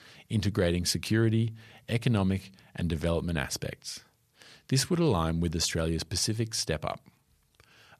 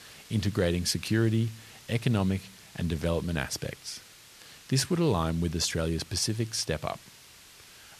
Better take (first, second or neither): first